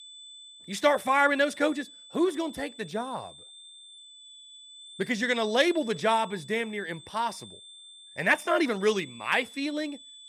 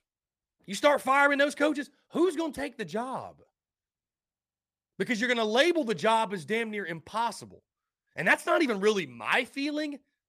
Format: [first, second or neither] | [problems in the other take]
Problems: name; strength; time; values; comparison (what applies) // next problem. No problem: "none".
second | high-pitched whine; noticeable; throughout; 3.5 kHz, 20 dB below the speech